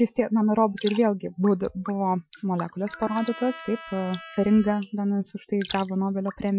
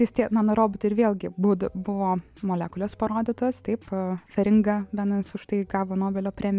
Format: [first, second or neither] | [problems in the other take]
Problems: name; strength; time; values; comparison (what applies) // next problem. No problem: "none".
second | noise reduction (classical method Wiener filter)